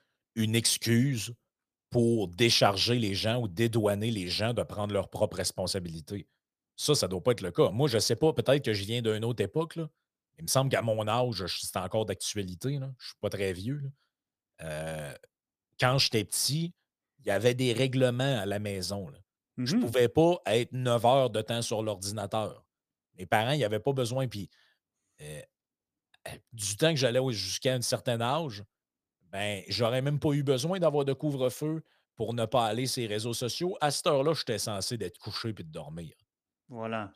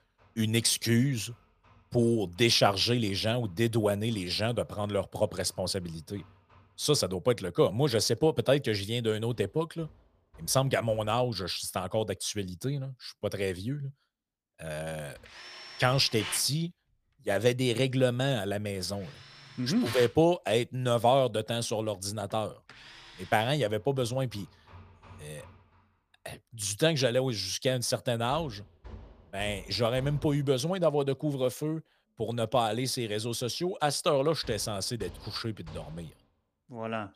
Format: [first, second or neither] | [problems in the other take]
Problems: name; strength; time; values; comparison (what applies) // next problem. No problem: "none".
first | machinery noise; noticeable; throughout; 20 dB below the speech